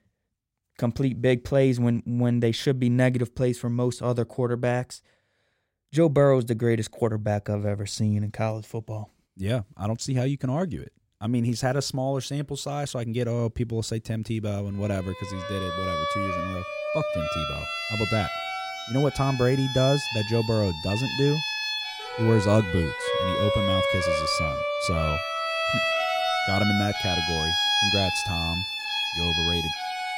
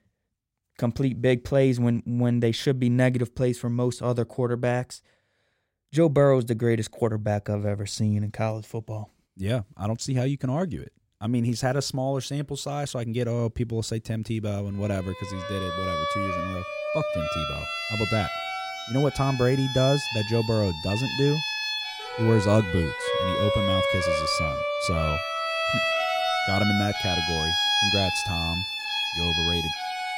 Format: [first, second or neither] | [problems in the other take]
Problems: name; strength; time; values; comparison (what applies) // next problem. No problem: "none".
neither | background music; loud; from 15 s on; as loud as the speech; the same in both